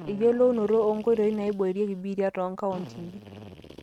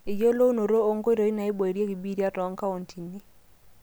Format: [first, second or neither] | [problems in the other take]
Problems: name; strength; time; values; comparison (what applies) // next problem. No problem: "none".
second | noise reduction (neural mask model RNNoise)